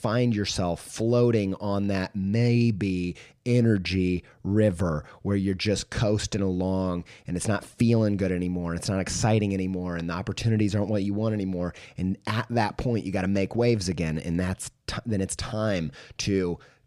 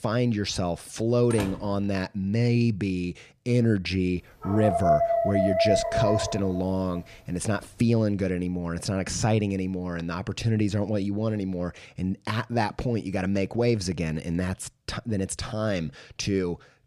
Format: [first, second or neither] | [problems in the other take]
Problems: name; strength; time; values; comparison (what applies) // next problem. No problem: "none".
first | door banging; noticeable; at 1.5 s; peak 8 dB below the speech // dog barking; loud; from 4.5 to 6.5 s; peak 5 dB above the speech